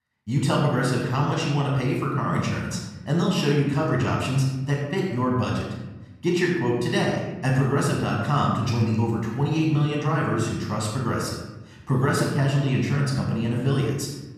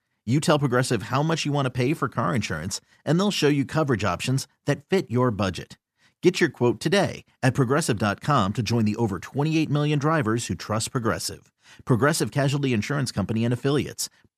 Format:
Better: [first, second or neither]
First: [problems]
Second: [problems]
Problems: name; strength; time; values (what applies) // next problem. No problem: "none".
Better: second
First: off-mic speech; somewhat distant // room echo; noticeable; dies away in 1.1 s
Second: none